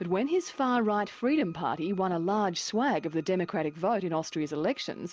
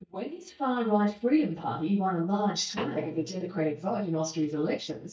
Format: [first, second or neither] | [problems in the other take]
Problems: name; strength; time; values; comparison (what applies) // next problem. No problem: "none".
first | noise reduction (neural mask model DeepFilterNet 3)